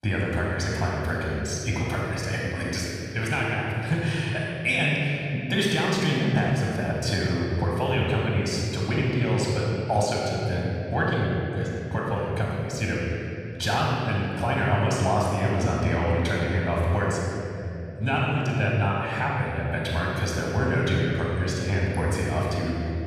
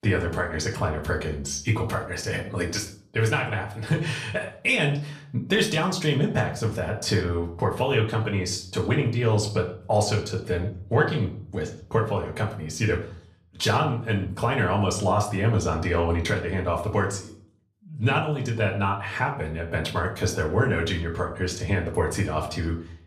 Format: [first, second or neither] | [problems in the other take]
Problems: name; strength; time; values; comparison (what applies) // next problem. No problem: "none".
second | room echo; strong; dies away in 3 s; slight in the second // off-mic speech; far; far in the second